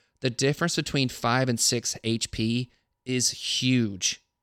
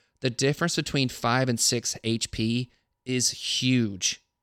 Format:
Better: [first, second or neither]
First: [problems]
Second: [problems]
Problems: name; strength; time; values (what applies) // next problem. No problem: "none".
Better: neither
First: none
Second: none